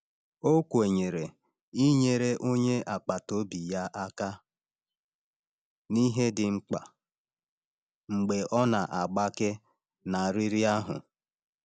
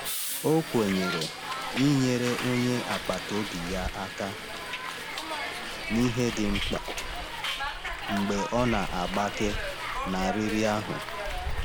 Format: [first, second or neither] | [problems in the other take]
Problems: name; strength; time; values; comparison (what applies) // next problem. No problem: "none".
first | background sound (Hiss); 3 dB below the speech